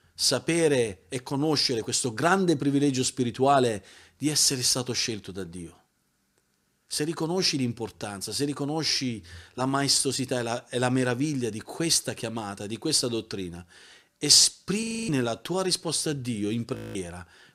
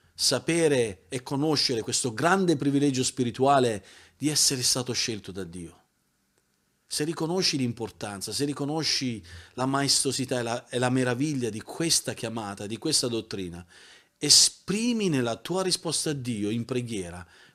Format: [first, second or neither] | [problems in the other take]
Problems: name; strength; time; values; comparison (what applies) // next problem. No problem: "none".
second | audio freezing; at 15 s and at 17 s